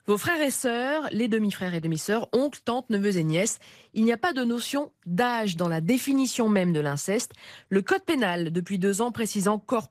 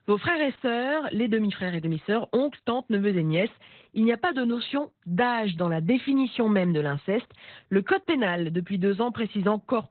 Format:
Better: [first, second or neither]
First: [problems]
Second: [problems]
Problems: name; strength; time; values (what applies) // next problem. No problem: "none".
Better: first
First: garbled, watery; slightly; nothing above 14.5 kHz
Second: garbled, watery; badly; nothing above 4 kHz